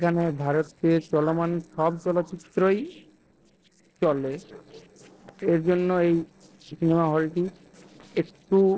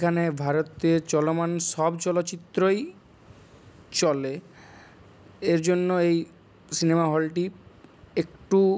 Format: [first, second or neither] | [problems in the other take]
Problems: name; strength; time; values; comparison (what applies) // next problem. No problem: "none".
second | noise reduction (neural separator model SepFormer DNS4)